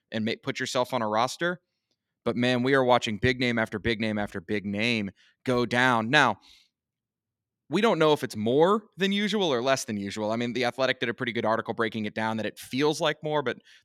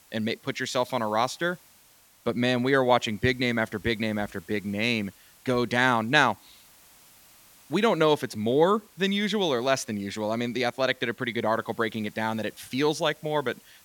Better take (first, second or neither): first